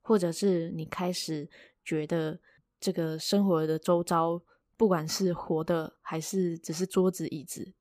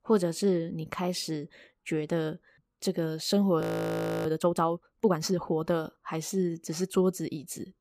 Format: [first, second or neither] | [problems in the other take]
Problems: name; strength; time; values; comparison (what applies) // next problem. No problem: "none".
first | audio freezing; at 3.5 s for 0.5 s